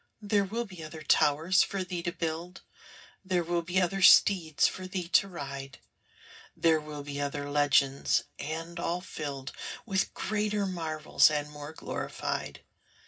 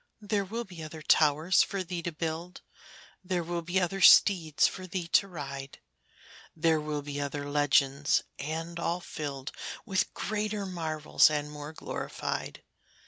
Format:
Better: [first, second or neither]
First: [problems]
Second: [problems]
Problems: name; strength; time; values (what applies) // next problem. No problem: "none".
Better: second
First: room echo; dies away in 0.4 s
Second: none